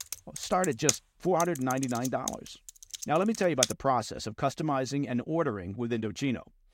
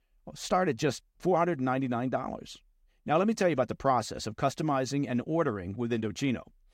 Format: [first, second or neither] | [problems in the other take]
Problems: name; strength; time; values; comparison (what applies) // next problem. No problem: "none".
second | keyboard typing; loud; until 3.5 s; peak 1 dB above the speech